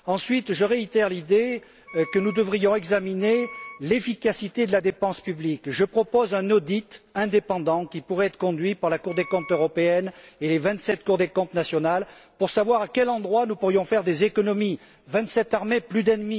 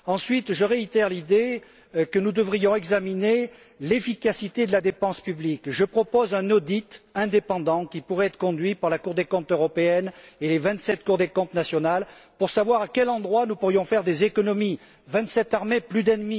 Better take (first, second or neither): second